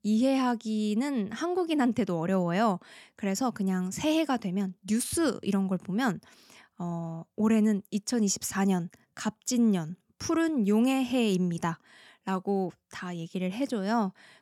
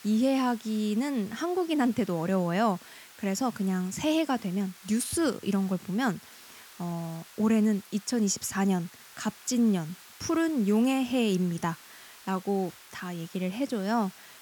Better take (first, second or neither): first